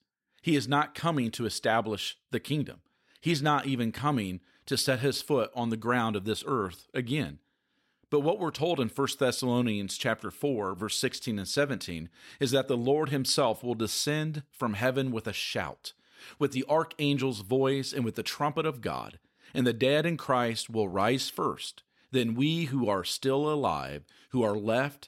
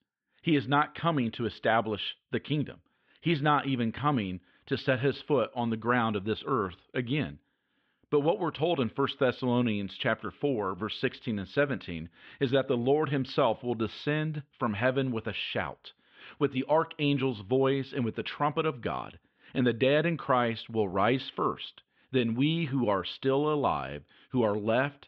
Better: first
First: none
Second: muffled; very; fading above 3.5 kHz

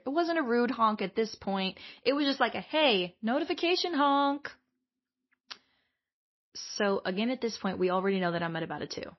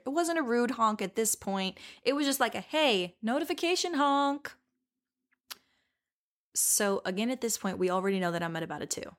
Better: second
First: garbled, watery; slightly; nothing above 5.5 kHz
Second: none

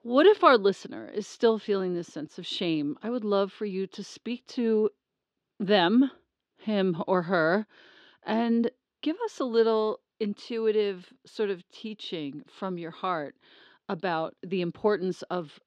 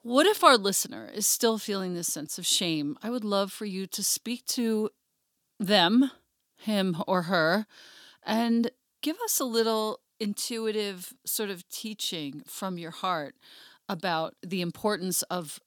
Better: second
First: muffled; slightly; fading above 3 kHz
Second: none

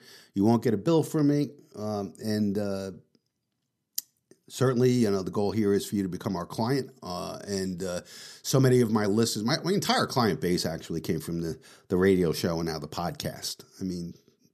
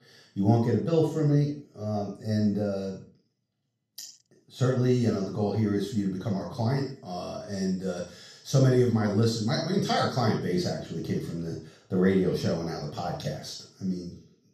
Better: first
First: none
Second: room echo; noticeable; dies away in 0.4 s // off-mic speech; far

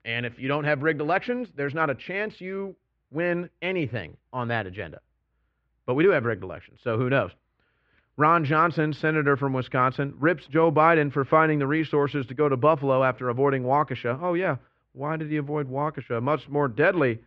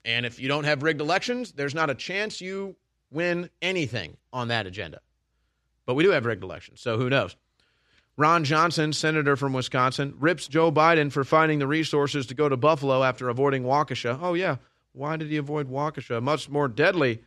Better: second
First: muffled; very; fading above 2.5 kHz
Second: none

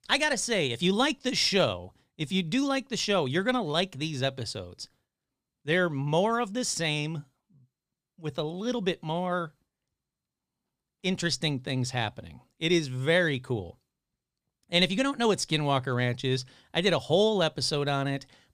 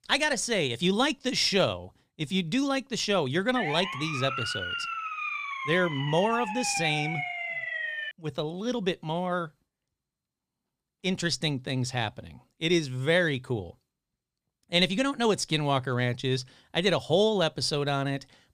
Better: first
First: none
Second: siren; noticeable; from 3.5 to 8 s; peak 3 dB below the speech

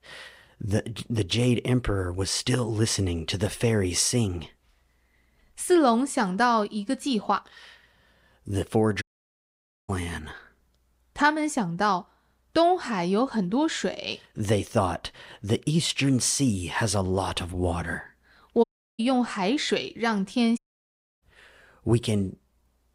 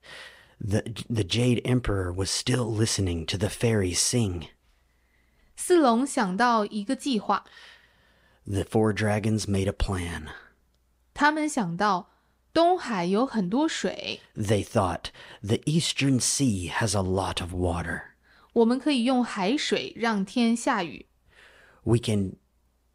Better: second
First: audio cutting out; at 9 s for 1 s, at 19 s and at 21 s for 0.5 s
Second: none

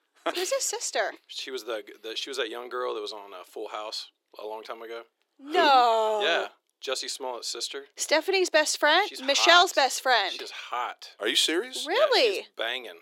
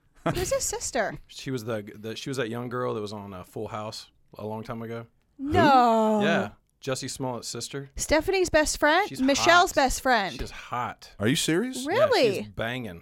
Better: second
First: thin; very; fading below 350 Hz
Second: none

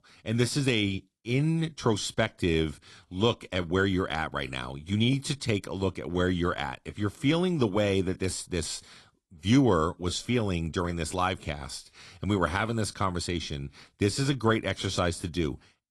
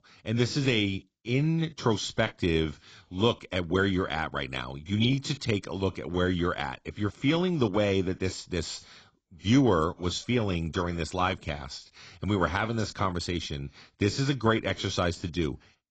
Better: first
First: garbled, watery; slightly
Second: garbled, watery; badly; nothing above 7.5 kHz

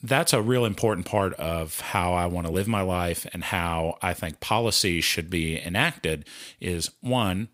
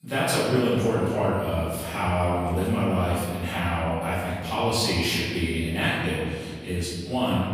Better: first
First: none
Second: off-mic speech; far // room echo; strong; dies away in 1.9 s

